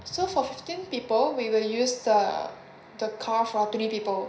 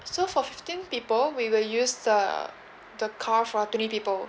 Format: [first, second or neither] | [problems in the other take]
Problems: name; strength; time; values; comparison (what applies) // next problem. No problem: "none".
second | room echo; dies away in 0.5 s